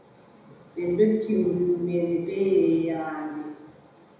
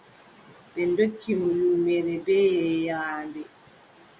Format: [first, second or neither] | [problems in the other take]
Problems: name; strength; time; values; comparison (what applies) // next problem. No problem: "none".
second | room echo; dies away in 1 s